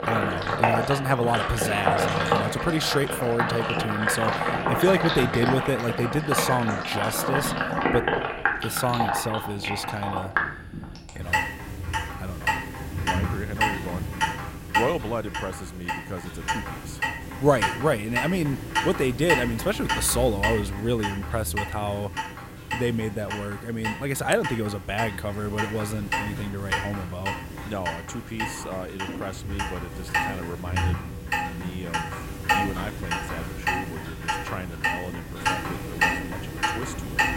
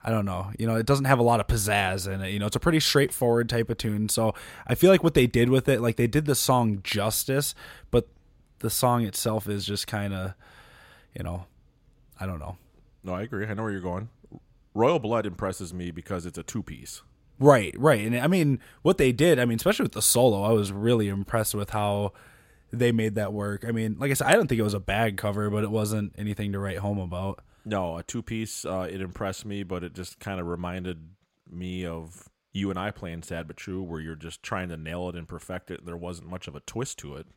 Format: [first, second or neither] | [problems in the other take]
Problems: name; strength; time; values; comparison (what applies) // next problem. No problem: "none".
second | household noises; very loud; throughout; as loud as the speech